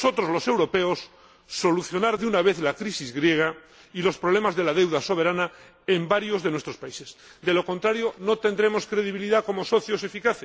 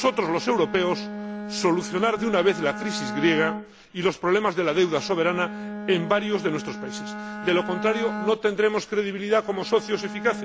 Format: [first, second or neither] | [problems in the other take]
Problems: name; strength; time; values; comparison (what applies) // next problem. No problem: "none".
first | background sound (Bowed string instrument); 10 dB below the speech